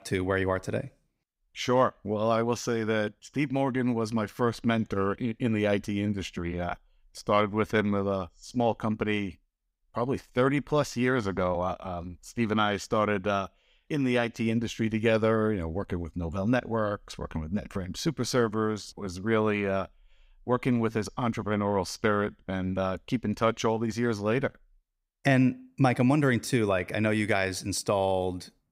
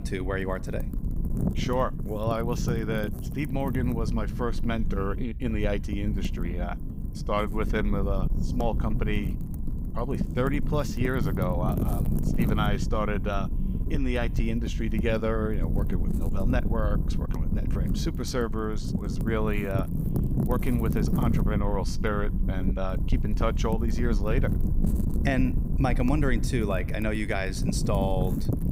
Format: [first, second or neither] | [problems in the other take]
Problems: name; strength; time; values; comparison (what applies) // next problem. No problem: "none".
first | wind noise on the microphone; heavy; 8 dB below the speech